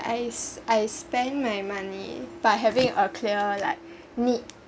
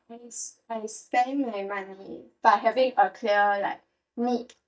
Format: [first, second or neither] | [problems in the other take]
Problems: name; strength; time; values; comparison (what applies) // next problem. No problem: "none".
first | noise reduction (neural mask model DeepFilterNet 3)